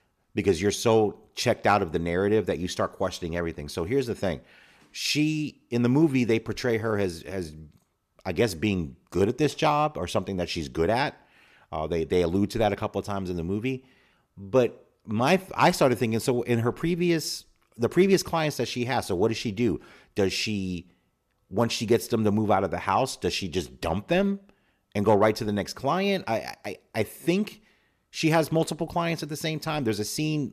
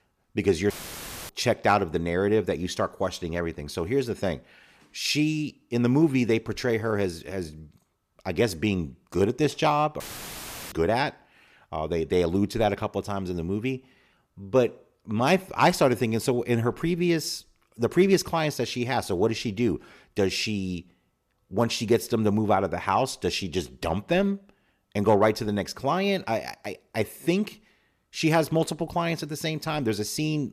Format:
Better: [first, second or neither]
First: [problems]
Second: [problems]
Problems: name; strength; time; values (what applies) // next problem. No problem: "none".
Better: first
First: none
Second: audio cutting out; filled with static; at 0.5 s for 0.5 s and at 10 s for 0.5 s